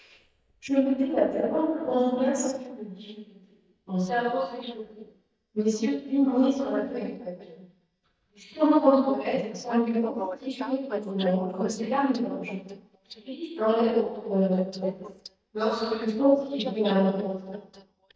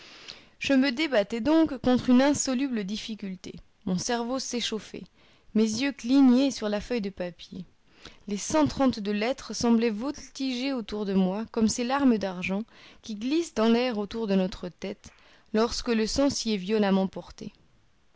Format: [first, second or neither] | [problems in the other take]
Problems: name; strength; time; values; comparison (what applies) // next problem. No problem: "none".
second | noise reduction (neural mask model DeepFilterNet 3)